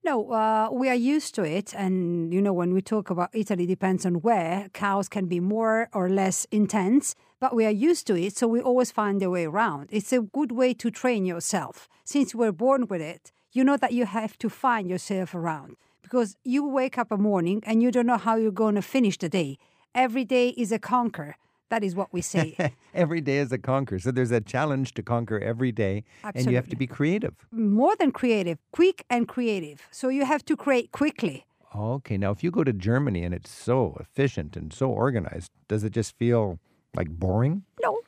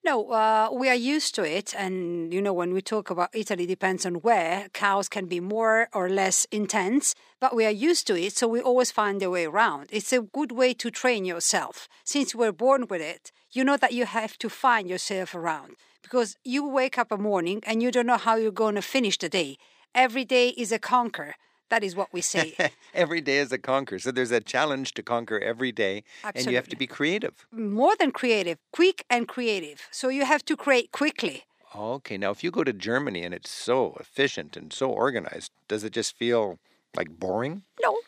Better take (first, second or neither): first